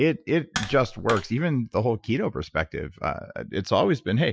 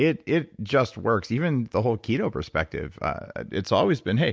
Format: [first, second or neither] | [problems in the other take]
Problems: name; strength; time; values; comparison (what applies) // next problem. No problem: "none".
second | noise reduction (classical method Wiener filter)